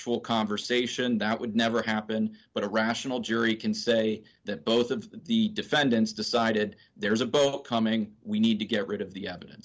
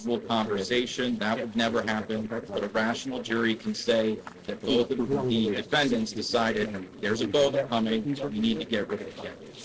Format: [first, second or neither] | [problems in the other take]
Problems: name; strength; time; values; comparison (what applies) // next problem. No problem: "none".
first | noise reduction (neural separator model SepFormer DNS4)